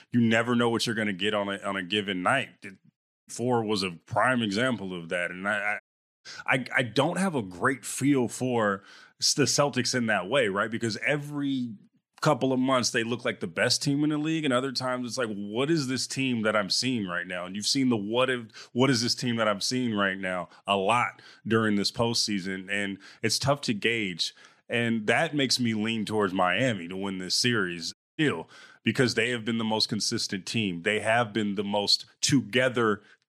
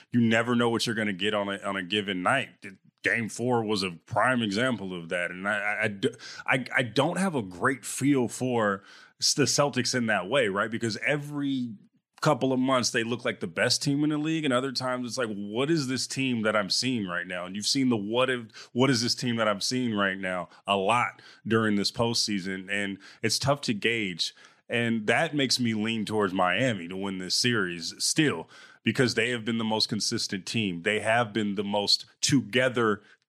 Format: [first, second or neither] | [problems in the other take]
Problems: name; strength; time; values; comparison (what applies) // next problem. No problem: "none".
second | audio cutting out; at 3 s, at 6 s and at 28 s